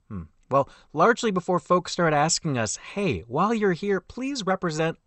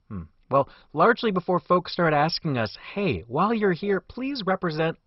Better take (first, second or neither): first